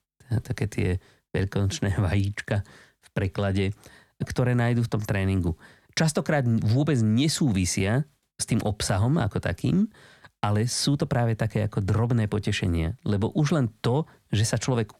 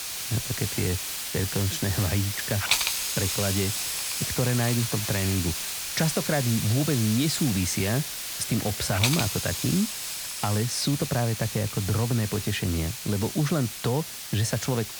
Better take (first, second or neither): first